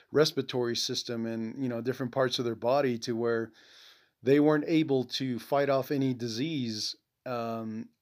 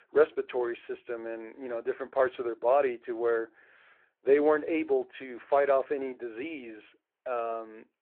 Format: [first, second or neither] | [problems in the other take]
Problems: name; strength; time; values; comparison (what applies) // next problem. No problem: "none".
first | phone-call audio